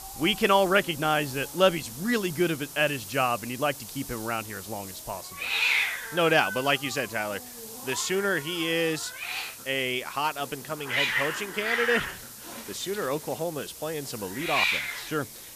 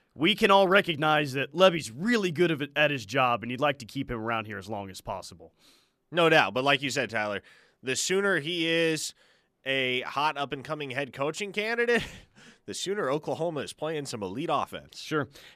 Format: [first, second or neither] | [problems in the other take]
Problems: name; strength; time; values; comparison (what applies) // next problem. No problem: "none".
second | hiss; loud; throughout; 4 dB below the speech